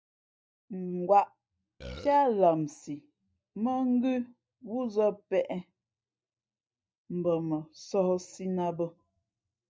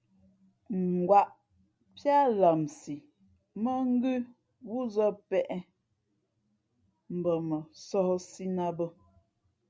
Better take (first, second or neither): second